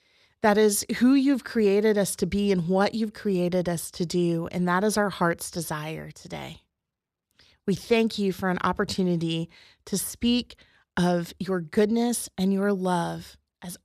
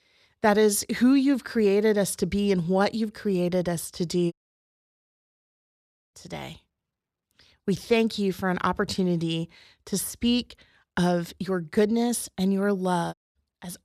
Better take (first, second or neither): first